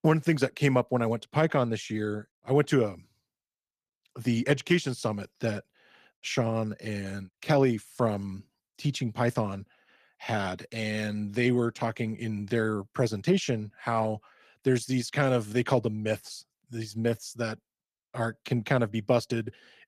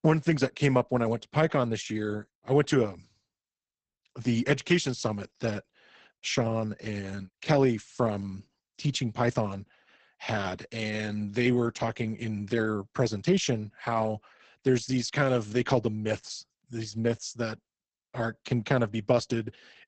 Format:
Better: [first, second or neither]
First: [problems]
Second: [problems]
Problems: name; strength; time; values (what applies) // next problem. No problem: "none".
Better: first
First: garbled, watery; slightly; nothing above 14.5 kHz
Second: garbled, watery; badly; nothing above 8 kHz